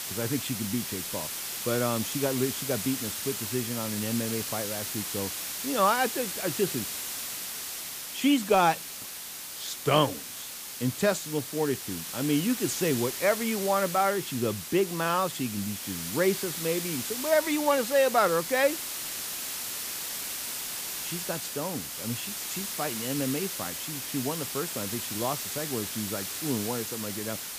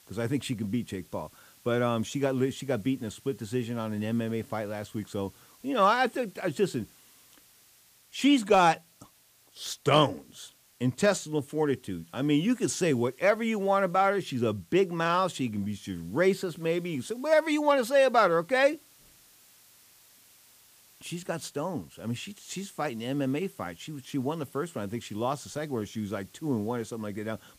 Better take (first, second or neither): second